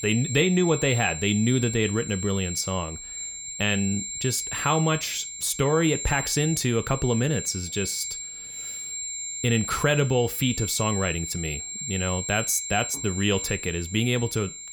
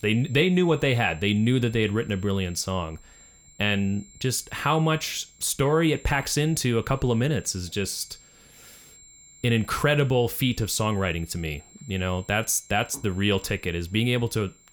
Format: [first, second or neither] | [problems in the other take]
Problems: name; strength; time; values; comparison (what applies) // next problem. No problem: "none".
second | high-pitched whine; loud; throughout; 7.5 kHz, 6 dB below the speech; faint in the second